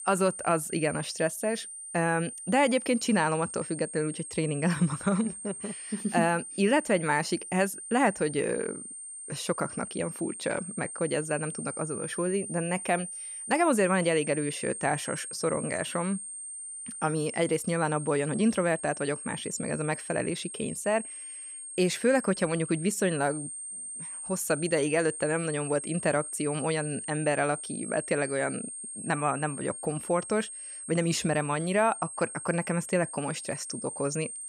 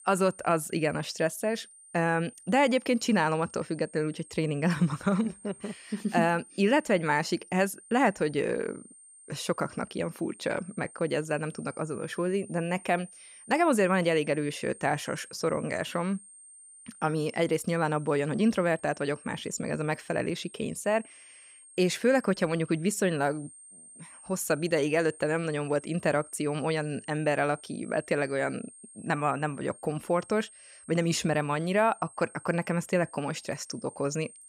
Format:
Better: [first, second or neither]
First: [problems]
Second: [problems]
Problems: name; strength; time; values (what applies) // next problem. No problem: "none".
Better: second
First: high-pitched whine; loud; throughout; 8.5 kHz, 8 dB below the speech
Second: high-pitched whine; faint; throughout; 8.5 kHz, 20 dB below the speech